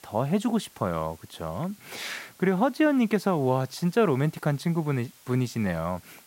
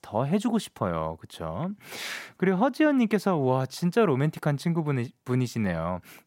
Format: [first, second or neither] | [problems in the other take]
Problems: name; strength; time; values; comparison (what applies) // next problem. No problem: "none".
second | hiss; faint; throughout; 25 dB below the speech